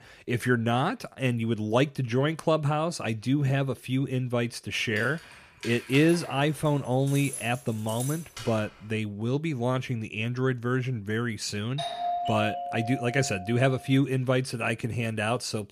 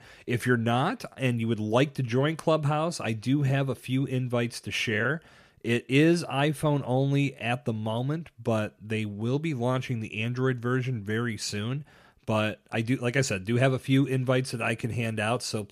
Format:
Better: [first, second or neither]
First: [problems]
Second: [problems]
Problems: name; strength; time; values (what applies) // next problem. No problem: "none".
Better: second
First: jangling keys; noticeable; from 5 to 9 s; peak 8 dB below the speech // doorbell; noticeable; from 12 to 14 s; peak 2 dB below the speech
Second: none